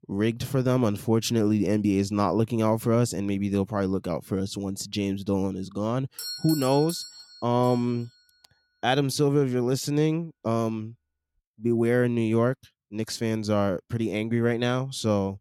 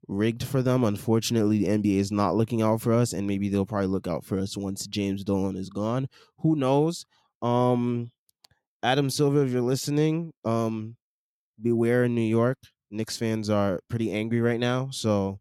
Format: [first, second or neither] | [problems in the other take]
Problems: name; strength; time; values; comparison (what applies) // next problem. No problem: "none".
second | doorbell; noticeable; from 6 to 8 s; peak 7 dB below the speech